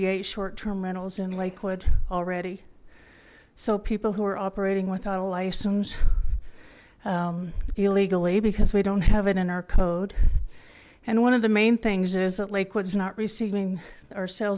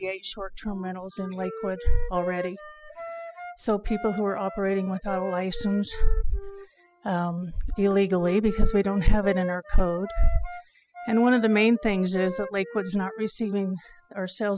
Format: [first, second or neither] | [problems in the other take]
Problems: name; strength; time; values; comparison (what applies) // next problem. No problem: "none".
first | noise reduction (classical method spectral subtraction)